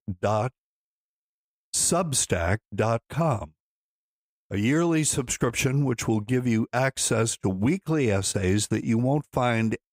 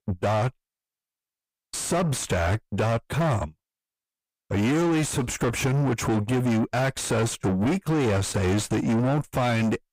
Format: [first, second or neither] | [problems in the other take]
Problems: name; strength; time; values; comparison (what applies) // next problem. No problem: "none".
first | distortion; heavy; 6 dB below the speech